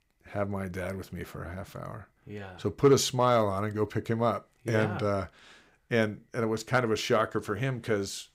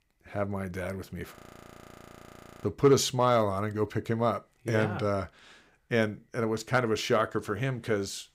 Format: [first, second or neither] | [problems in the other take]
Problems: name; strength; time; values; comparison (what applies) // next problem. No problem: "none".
first | audio freezing; at 1.5 s for 1.5 s